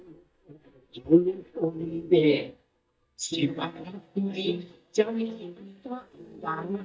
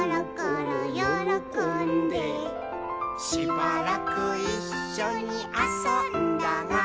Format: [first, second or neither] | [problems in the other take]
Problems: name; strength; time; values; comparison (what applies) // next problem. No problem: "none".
second | noise reduction (neural mask model DeepFilterNet 3)